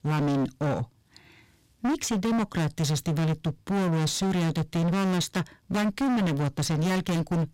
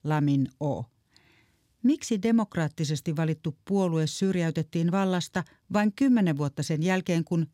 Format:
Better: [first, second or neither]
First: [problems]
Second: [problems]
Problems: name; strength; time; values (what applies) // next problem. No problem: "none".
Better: second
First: distortion; heavy; 33% of the sound clipped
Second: none